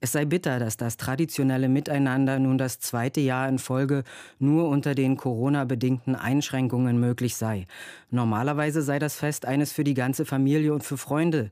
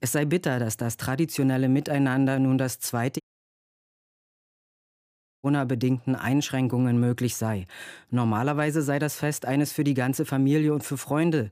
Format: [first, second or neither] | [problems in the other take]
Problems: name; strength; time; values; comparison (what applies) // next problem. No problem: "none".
first | audio cutting out; at 3 s for 2 s